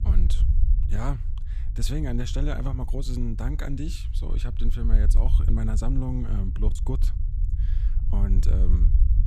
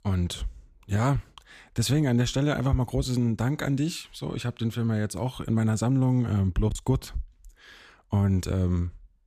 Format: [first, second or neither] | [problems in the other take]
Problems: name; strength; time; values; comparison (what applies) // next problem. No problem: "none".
second | low rumble; loud; throughout; 9 dB below the speech